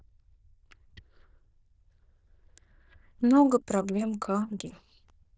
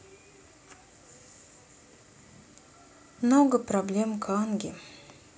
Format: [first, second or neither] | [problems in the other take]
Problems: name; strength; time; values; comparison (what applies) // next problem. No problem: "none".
second | noise reduction (neural diffusion model UNIVERSE++)